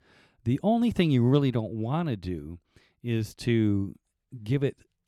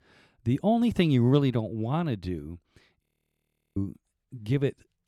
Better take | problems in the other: first | audio freezing; at 3 s for 0.5 s

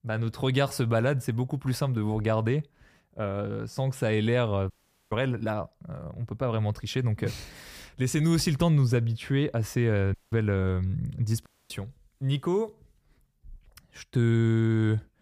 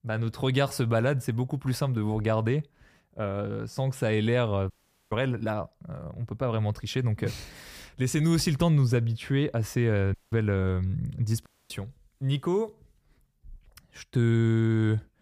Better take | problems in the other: neither | audio cutting out; at 4.5 s, at 10 s and at 11 s; the same in both

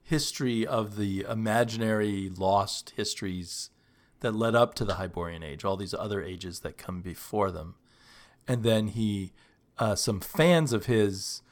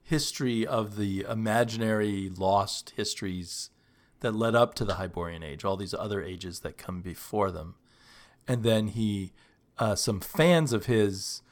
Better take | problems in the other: neither | none

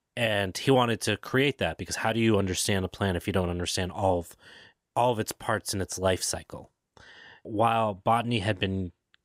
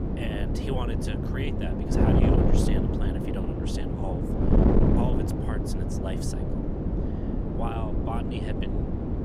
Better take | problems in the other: first | wind noise on the microphone; heavy; 5 dB above the speech

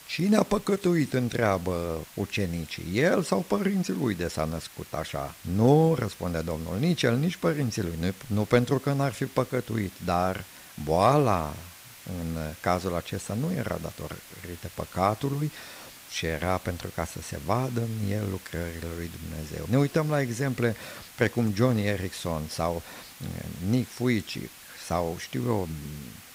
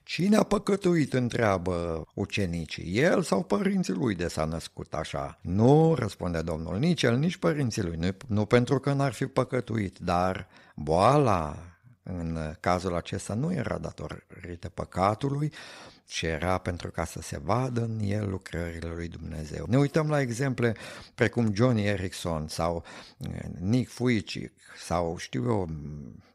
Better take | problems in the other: second | hiss; noticeable; throughout; 20 dB below the speech

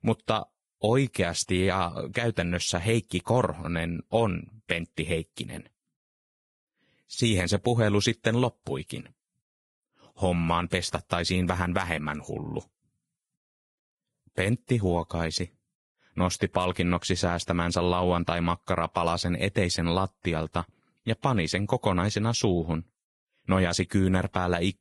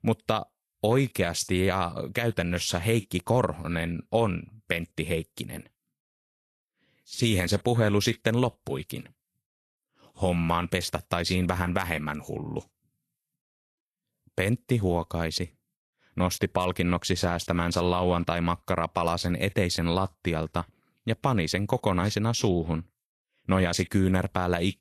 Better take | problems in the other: second | garbled, watery; badly; nothing above 11 kHz; slightly in the second

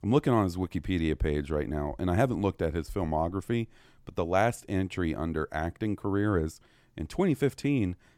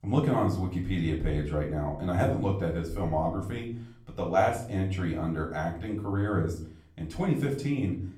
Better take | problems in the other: first | off-mic speech; far // room echo; slight; dies away in 0.4 s

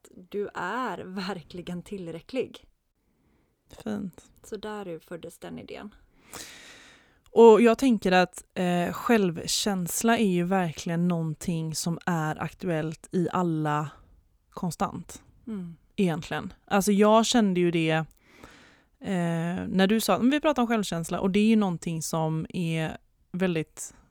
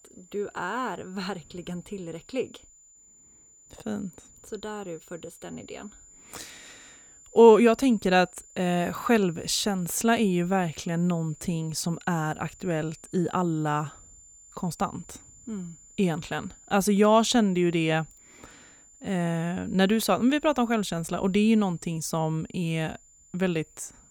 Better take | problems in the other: first | high-pitched whine; faint; throughout; 7 kHz, 25 dB below the speech

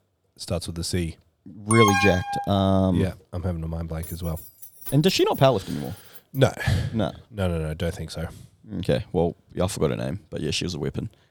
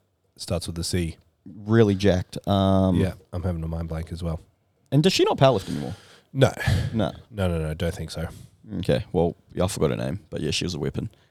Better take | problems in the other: second | alarm; loud; at 1.5 s; peak 5 dB above the speech // jangling keys; faint; from 4 to 6.5 s; peak 10 dB below the speech

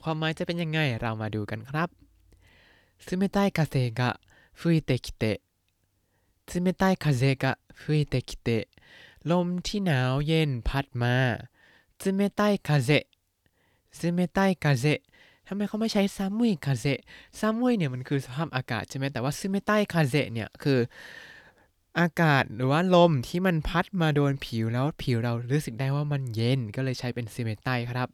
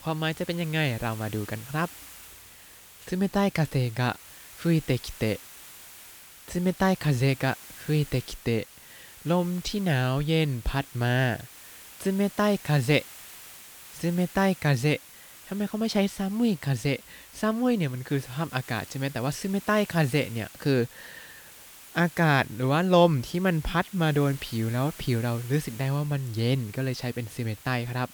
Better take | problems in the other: first | hiss; noticeable; throughout; 20 dB below the speech

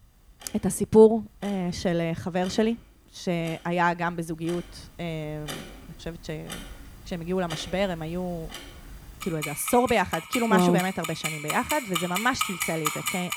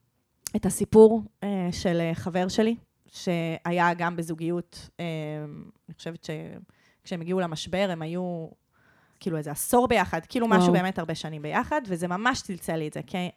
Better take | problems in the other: second | household noises; loud; throughout; 7 dB below the speech

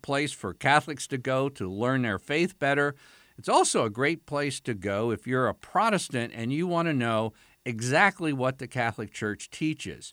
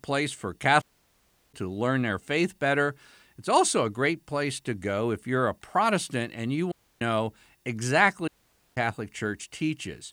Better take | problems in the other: first | audio cutting out; at 1 s for 0.5 s, at 6.5 s and at 8.5 s

